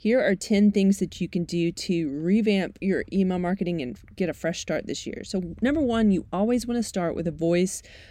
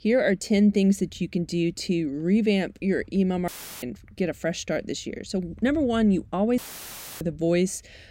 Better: first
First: none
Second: audio cutting out; filled with static; at 3.5 s and at 6.5 s for 0.5 s

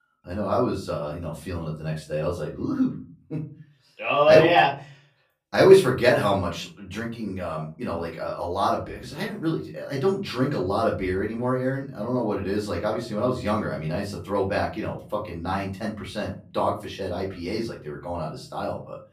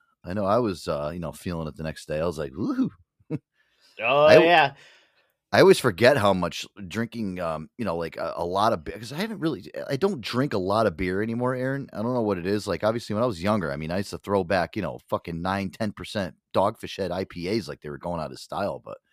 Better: second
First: off-mic speech; far // room echo; slight; dies away in 0.3 s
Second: none

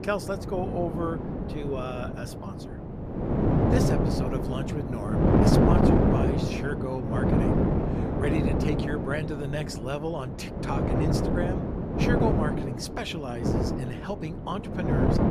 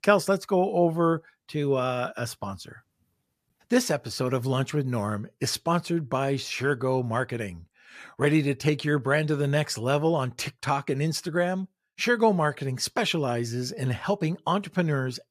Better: second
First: wind noise on the microphone; heavy; 4 dB above the speech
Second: none

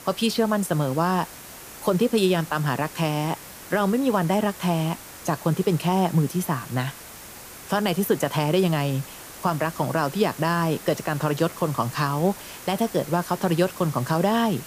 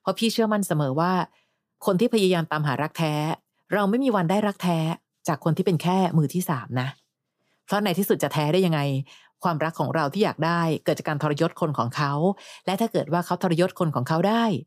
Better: second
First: hiss; noticeable; throughout; 15 dB below the speech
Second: none

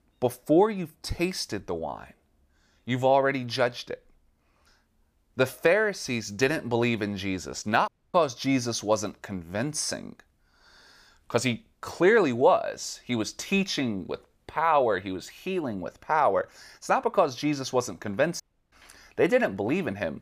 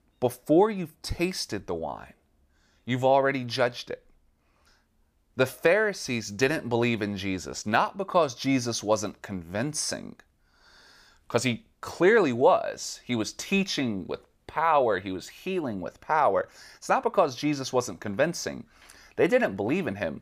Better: second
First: audio cutting out; at 8 s and at 18 s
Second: none

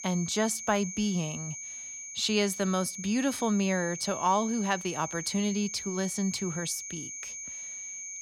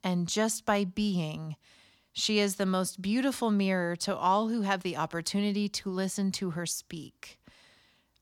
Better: second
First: high-pitched whine; loud; throughout; 6.5 kHz, 8 dB below the speech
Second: none

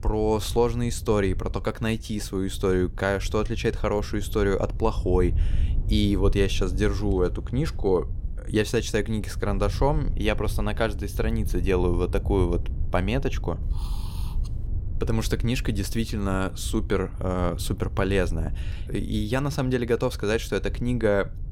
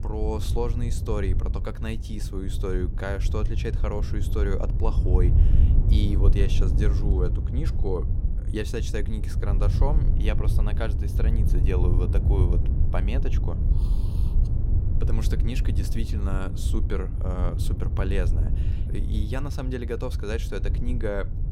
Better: first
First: wind noise on the microphone; occasional gusts; 20 dB below the speech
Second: wind noise on the microphone; heavy; 7 dB below the speech

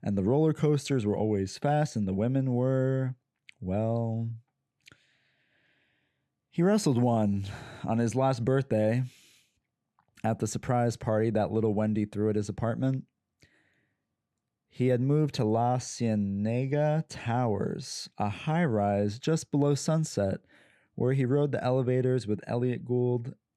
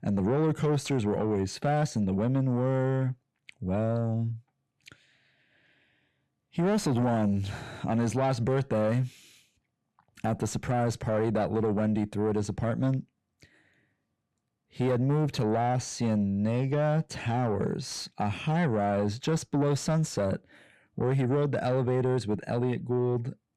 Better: first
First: none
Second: distortion; slight; 10 dB below the speech

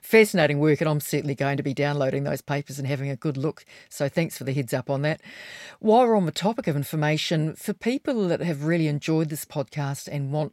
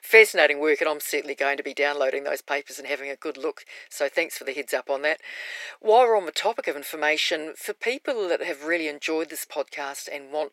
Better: first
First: none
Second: thin; very; fading below 350 Hz

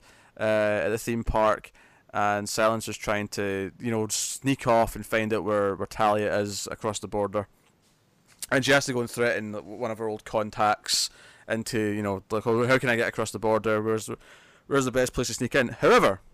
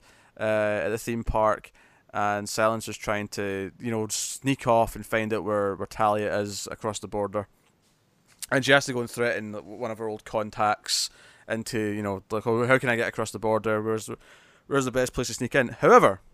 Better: second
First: distortion; slight; 2% of the sound clipped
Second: none

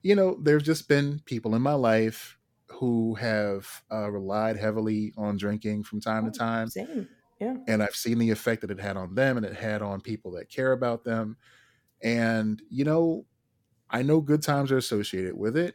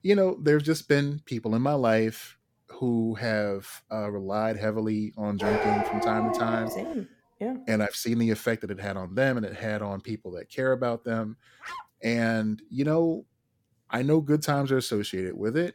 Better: first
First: none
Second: dog barking; loud; from 5.5 to 7 s; peak 2 dB above the speech // dog barking; faint; at 12 s; peak 10 dB below the speech

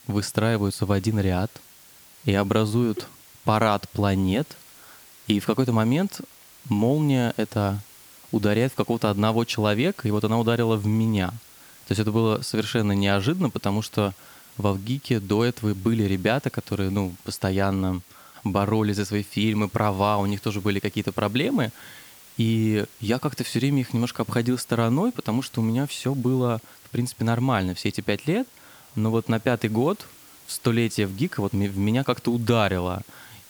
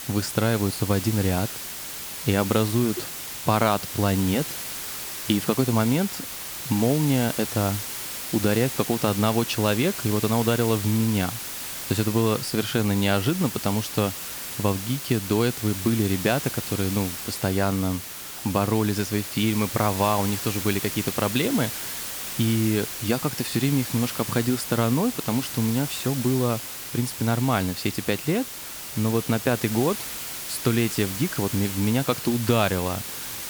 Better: first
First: hiss; faint; throughout; 25 dB below the speech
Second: hiss; loud; throughout; 6 dB below the speech

